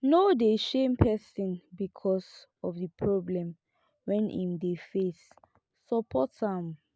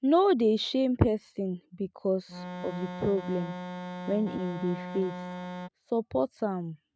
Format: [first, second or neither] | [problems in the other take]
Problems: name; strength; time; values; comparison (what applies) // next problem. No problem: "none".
first | noise reduction (neural mask model RNNoise)